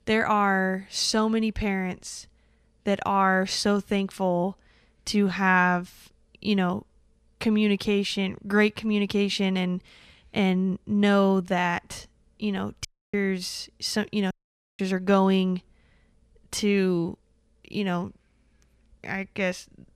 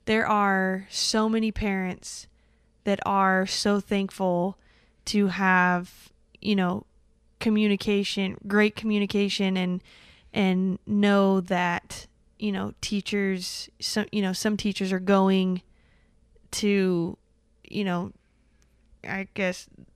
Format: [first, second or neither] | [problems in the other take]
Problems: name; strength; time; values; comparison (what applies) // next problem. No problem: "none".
second | audio cutting out; at 13 s and at 14 s